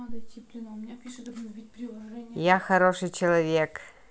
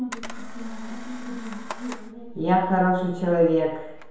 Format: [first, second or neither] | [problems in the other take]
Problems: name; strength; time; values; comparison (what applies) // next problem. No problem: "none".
first | background sound (Camera); 18 dB below the speech // room echo; dies away in 2.2 s